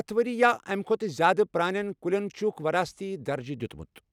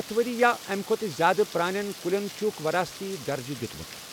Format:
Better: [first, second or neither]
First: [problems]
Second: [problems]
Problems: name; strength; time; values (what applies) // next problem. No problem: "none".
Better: first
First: none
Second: background sound (Rain); 15 dB below the speech